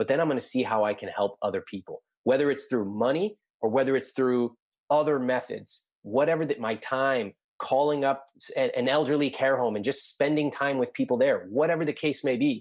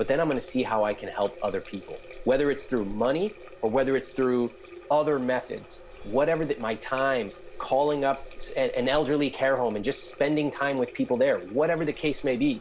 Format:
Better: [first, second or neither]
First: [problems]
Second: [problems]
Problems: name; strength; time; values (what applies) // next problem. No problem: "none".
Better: first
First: none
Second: background sound (Water tap, faucet + Meow / Purr); 16 dB below the speech